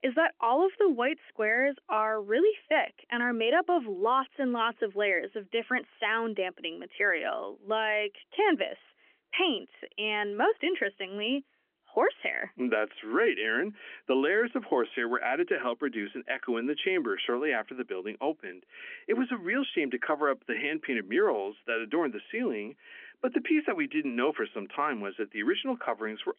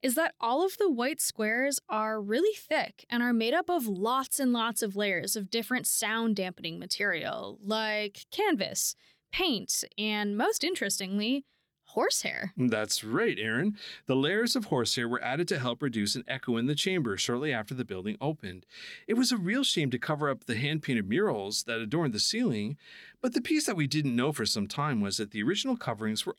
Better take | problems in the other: second | phone-call audio; nothing above 3.5 kHz

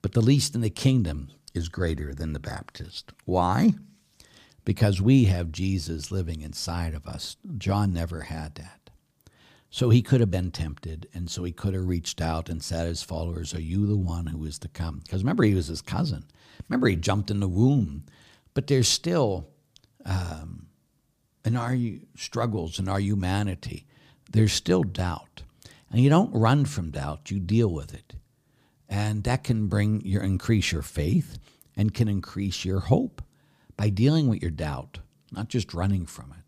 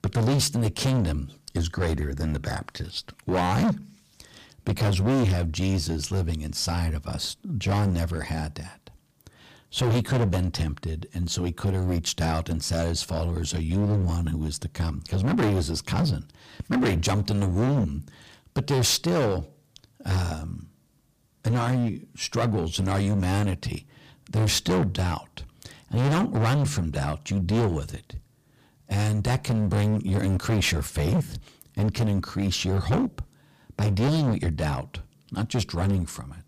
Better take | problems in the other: first | distortion; heavy; 14% of the sound clipped

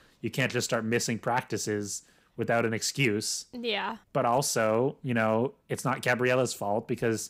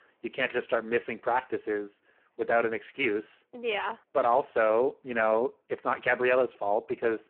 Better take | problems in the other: first | phone-call audio; poor line

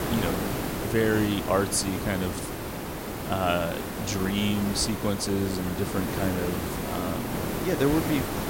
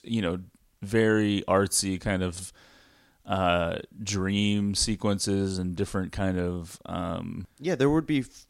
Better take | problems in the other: second | hiss; loud; throughout; 3 dB below the speech

